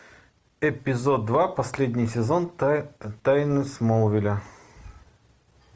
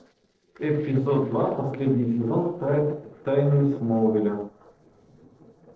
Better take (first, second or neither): first